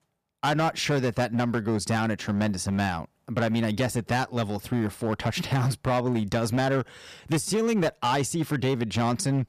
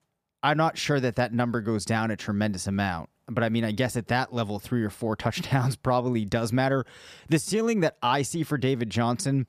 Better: second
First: distortion; slight; 10% of the sound clipped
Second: none

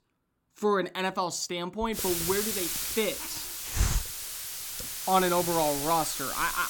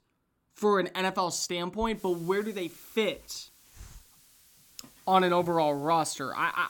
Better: second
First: hiss; loud; from 2 s on; 2 dB below the speech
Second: hiss; faint; from 2 s on; 25 dB below the speech

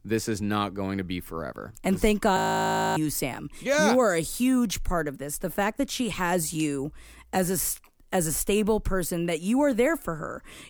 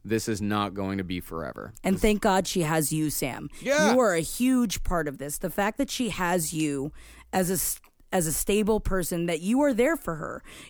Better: second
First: audio freezing; at 2.5 s for 0.5 s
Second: none

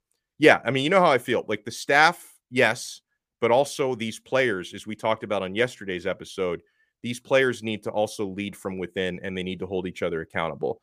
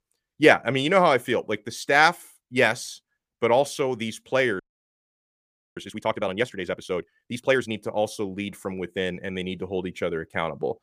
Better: first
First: none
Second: audio freezing; at 4.5 s for 1 s

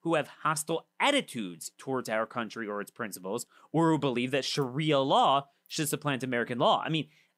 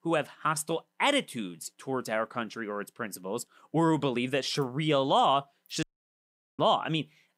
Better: first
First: none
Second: audio cutting out; at 6 s for 1 s

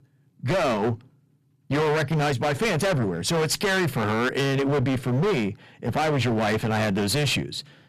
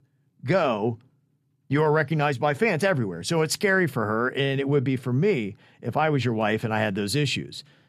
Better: second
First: distortion; heavy; 26% of the sound clipped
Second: none

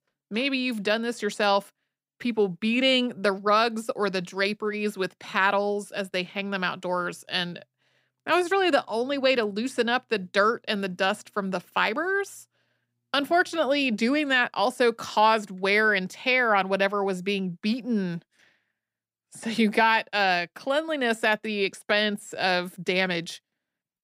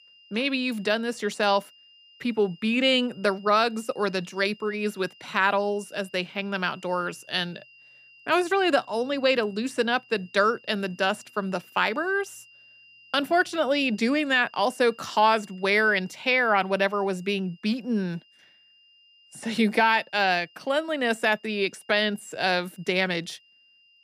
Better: first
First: none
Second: high-pitched whine; faint; throughout; 3 kHz, 25 dB below the speech

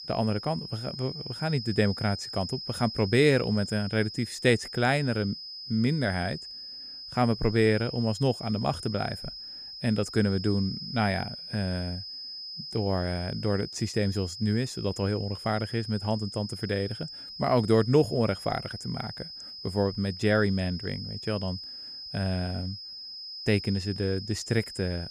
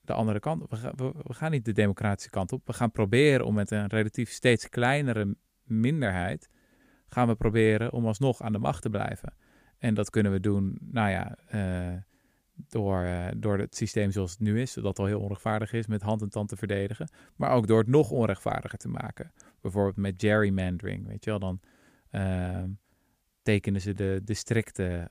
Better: second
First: high-pitched whine; loud; throughout; 5 kHz, 10 dB below the speech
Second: none

